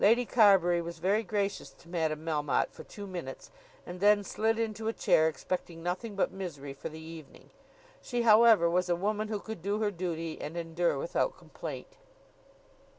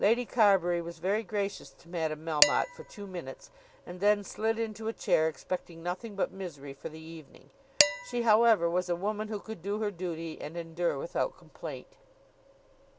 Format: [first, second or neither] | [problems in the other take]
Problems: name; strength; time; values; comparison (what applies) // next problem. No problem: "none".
first | background sound (Dishes, pots, and pans); 4 dB below the speech